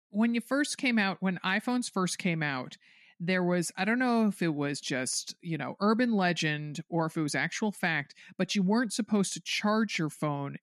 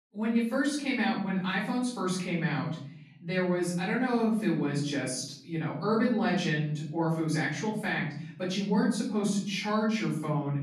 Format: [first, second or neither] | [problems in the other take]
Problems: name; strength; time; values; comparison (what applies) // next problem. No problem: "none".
first | off-mic speech; far // room echo; noticeable; dies away in 1.1 s